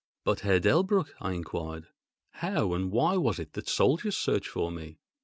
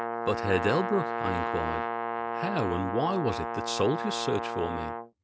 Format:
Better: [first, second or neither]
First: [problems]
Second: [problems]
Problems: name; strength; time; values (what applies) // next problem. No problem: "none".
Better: first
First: none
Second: background sound (Brass instrument); 2 dB below the speech